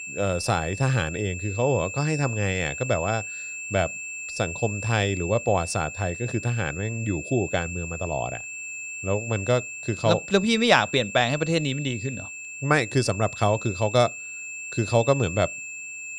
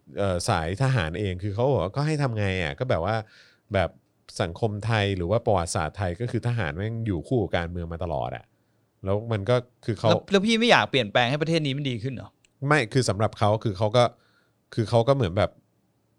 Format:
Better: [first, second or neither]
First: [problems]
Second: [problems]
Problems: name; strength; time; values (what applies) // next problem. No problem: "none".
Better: second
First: high-pitched whine; loud; throughout; 2.5 kHz, 8 dB below the speech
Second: none